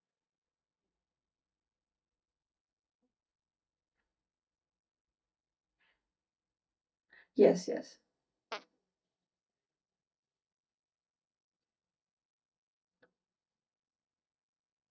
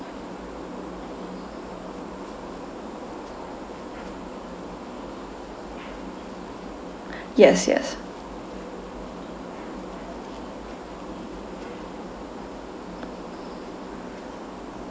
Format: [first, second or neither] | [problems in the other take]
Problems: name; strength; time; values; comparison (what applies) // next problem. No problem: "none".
second | noise reduction (neural mask model DeepFilterNet 3)